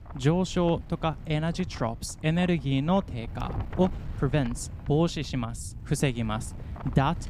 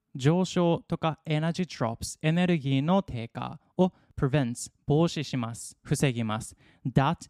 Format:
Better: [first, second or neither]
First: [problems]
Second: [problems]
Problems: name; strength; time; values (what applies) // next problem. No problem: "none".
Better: second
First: wind noise on the microphone; occasional gusts; 15 dB below the speech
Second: none